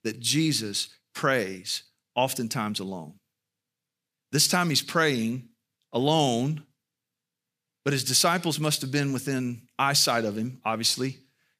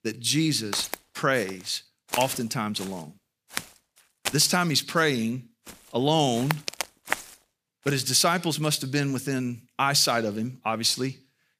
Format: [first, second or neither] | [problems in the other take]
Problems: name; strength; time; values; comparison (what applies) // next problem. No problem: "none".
first | footsteps; noticeable; from 0.5 to 8 s; peak 5 dB below the speech